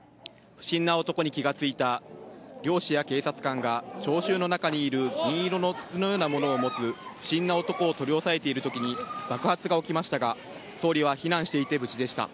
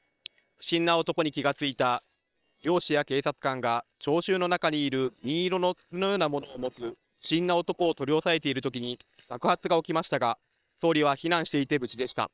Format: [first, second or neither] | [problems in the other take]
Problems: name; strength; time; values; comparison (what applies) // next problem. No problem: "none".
first | noise reduction (neural separator model SepFormer WHAM!)